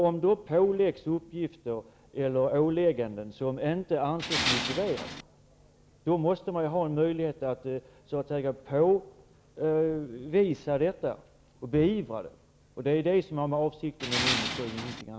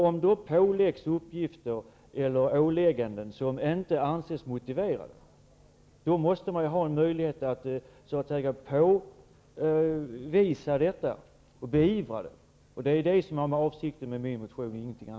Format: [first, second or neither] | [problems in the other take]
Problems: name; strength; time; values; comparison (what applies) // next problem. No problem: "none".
second | background sound (Tools); 2 dB below the speech